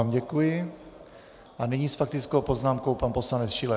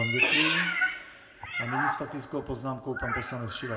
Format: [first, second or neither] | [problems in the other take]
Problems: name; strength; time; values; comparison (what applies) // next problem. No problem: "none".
first | background sound (Meow); 4 dB above the speech // room echo; dies away in 0.2 s